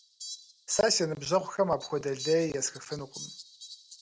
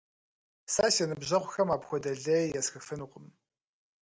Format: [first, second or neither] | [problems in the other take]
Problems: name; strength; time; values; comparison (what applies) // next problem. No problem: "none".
second | background sound (Fowl); 15 dB below the speech